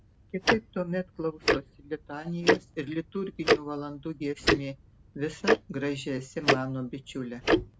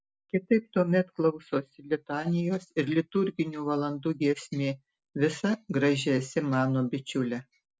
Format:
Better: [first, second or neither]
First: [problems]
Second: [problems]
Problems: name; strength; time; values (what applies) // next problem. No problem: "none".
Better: second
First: background sound (Tick-tock); 4 dB above the speech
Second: none